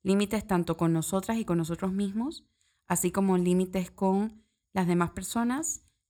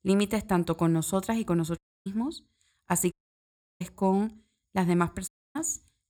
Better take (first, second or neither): first